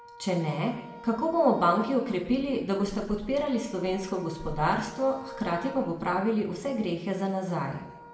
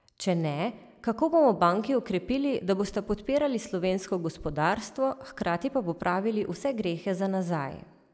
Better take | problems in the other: second | background sound (Wind instrument, woodwind instrument); 19 dB below the speech // room echo; dies away in 0.9 s

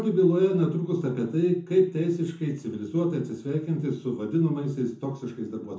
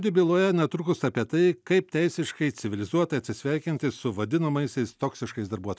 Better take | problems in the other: second | room echo; dies away in 0.6 s

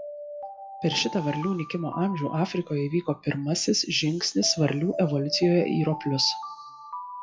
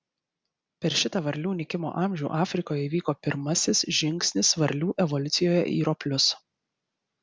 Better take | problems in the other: second | noise reduction (classical method WPE with log-MMSE)

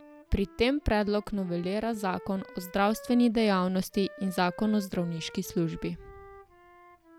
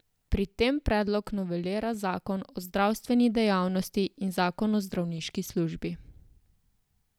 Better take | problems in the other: second | background sound (Wind instrument, woodwind instrument); 20 dB below the speech

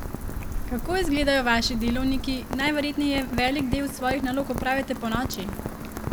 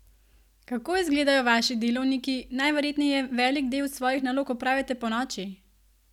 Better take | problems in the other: second | background sound (Rain); 5 dB below the speech

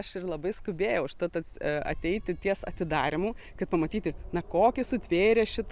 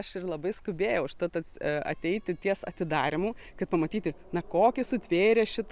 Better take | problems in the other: second | background sound (Wind / Bird); 15 dB below the speech

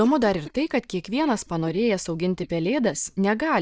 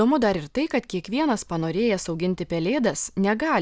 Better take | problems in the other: second | noise reduction (neural mask model DeepFilterNet 3)

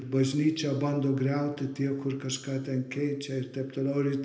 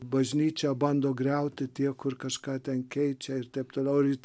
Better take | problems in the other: second | room echo; dies away in 0.7 s

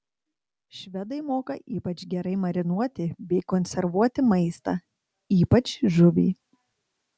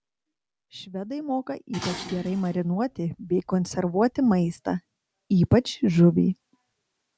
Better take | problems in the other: first | background sound (Dishes, pots, and pans); 17 dB below the speech

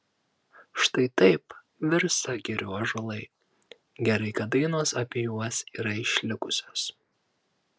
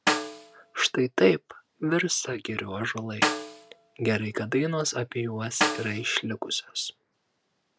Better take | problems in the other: first | background sound (Snare drum); 4 dB below the speech

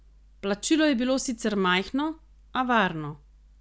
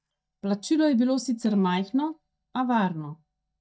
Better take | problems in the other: first | noise reduction (neural mask model DeepFilterNet 3)

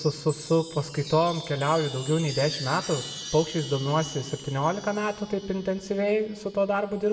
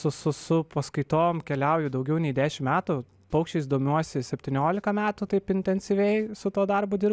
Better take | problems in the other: second | background sound (Chime); 13 dB below the speech // room echo; dies away in 1.1 s

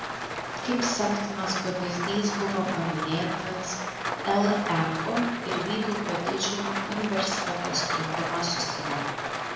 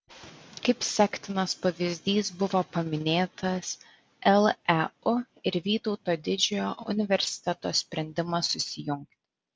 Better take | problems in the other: second | background sound (Rain); 2 dB below the speech // room echo; dies away in 0.8 s

